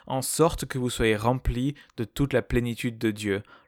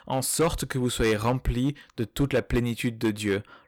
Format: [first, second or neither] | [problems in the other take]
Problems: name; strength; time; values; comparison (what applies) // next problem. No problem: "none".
first | distortion; slight; 5% of the sound clipped